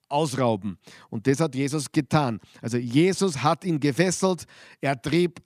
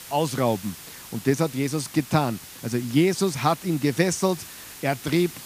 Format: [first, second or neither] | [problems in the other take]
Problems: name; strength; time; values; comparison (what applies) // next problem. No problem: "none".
first | hiss; noticeable; throughout; 15 dB below the speech